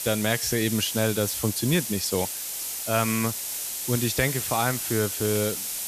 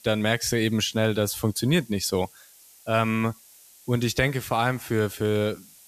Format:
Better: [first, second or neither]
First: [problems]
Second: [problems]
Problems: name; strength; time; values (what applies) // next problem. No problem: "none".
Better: second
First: hiss; loud; throughout; 3 dB below the speech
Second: hiss; faint; throughout; 25 dB below the speech